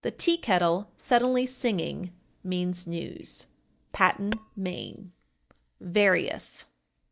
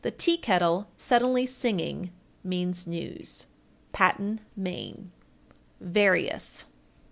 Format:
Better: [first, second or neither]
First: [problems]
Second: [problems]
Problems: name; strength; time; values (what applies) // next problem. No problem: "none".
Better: second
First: noise reduction (neural mask model DeepFilterNet 3)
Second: none